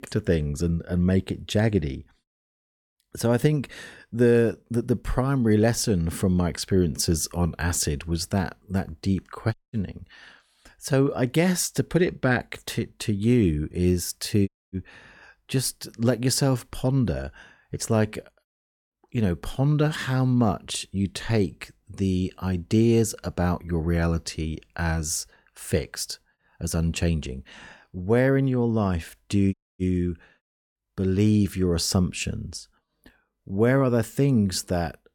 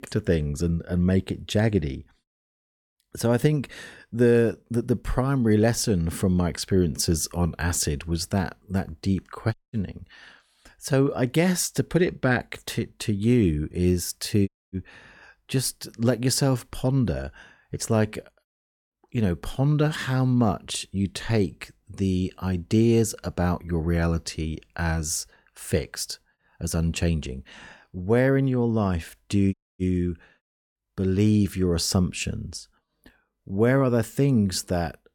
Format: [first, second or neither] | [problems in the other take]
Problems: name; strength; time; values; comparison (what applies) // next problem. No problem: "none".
neither | audio cutting out; at 9.5 s, at 14 s and at 30 s; the same in both